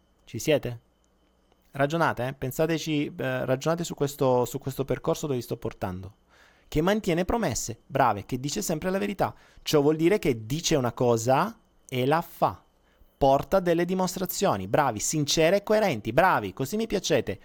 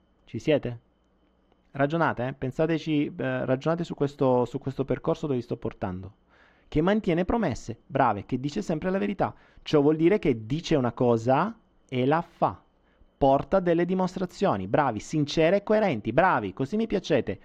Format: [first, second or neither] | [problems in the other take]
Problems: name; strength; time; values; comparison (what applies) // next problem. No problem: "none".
first | muffled; slightly; fading above 3 kHz